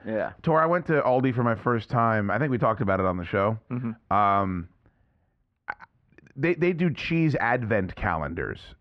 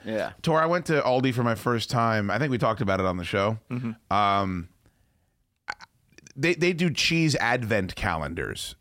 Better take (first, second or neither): second